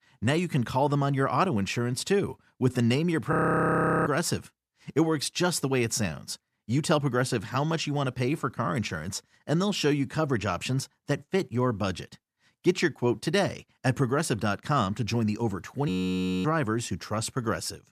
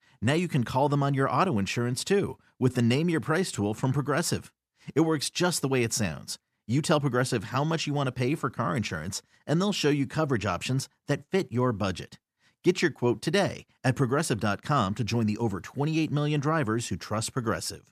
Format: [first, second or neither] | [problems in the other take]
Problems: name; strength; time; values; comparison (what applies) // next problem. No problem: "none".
second | audio freezing; at 3.5 s for 0.5 s and at 16 s for 0.5 s